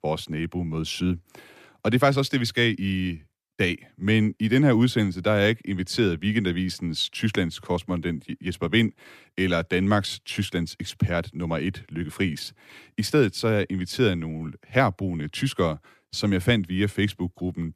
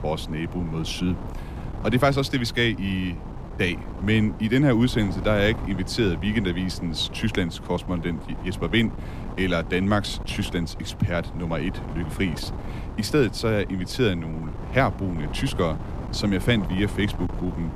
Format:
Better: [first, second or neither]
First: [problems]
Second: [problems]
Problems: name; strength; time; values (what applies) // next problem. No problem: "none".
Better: first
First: none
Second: wind noise on the microphone; occasional gusts; 15 dB below the speech